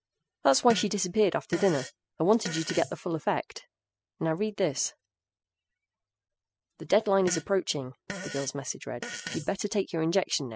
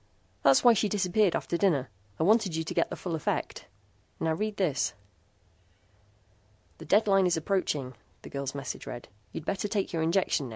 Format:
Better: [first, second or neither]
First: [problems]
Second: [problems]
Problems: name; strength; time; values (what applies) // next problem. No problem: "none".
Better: second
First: noise reduction (classical method spectral subtraction)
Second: none